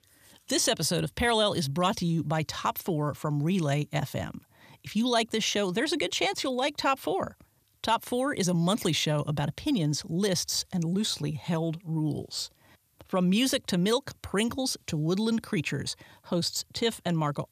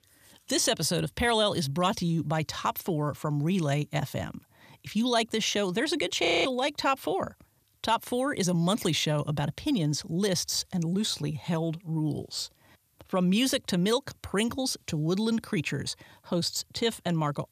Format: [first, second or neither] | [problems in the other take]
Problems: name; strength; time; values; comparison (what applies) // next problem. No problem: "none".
first | audio freezing; at 6.5 s